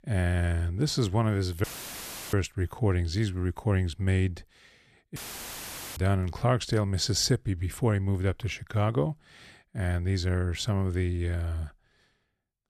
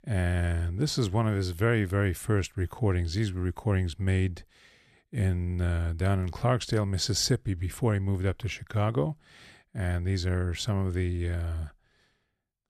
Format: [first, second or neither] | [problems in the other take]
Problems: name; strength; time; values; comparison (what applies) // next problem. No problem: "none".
second | audio cutting out; filled with static; at 1.5 s for 0.5 s and at 5 s for 1 s